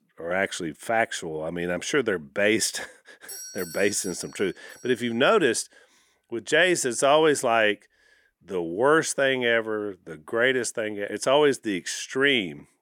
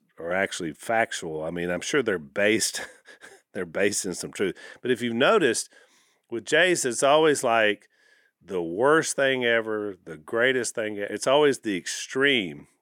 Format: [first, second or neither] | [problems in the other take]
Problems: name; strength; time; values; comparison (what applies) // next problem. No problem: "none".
second | doorbell; faint; from 3.5 to 5 s; peak 10 dB below the speech